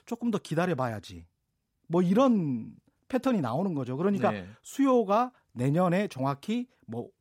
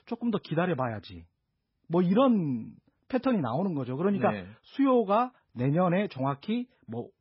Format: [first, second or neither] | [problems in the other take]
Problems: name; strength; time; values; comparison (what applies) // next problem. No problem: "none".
first | garbled, watery; badly; nothing above 5.5 kHz